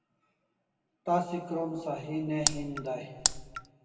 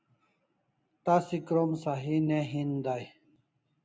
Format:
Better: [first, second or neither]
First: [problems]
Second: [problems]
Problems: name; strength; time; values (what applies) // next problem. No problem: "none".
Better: second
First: background sound (Raindrop); 4 dB above the speech // room echo; dies away in 1.7 s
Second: none